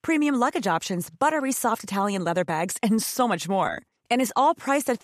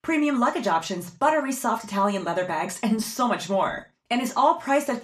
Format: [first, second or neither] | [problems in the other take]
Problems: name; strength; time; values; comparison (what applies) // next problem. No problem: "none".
first | room echo; very slight; dies away in 0.3 s // off-mic speech; somewhat distant